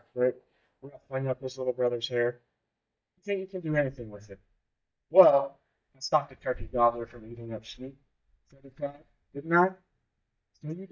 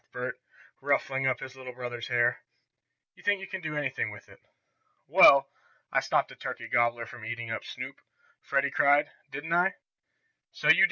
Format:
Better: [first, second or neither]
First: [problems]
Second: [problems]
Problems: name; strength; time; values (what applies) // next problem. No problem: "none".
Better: second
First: noise reduction (neural mask model DeepFilterNet 3)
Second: none